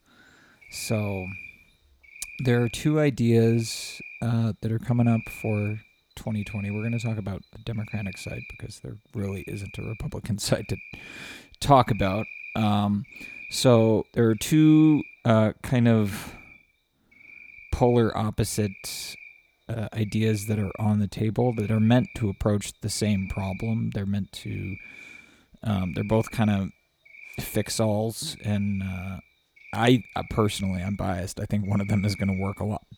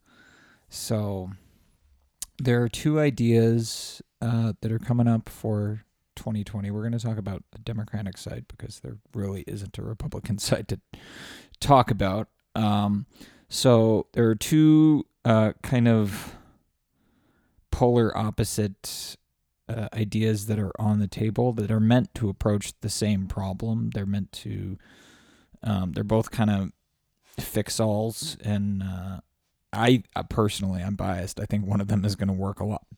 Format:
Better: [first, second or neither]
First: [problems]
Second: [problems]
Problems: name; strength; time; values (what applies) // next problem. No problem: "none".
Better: second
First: animal sounds; noticeable; throughout; 15 dB below the speech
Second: none